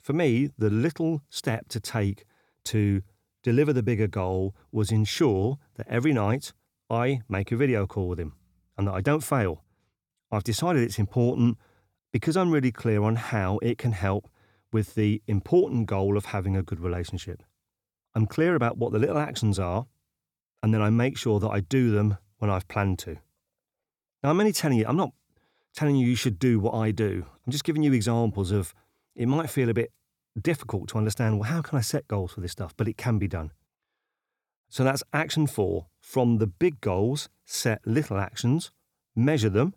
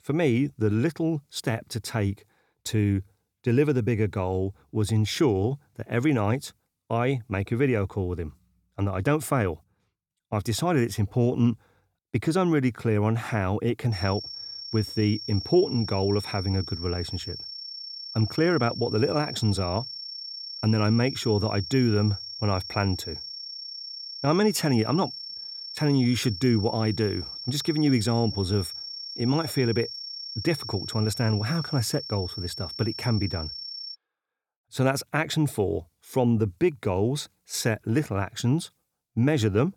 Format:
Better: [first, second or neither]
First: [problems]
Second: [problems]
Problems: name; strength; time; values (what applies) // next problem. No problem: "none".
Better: first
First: none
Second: high-pitched whine; loud; from 14 to 34 s; 5.5 kHz, 8 dB below the speech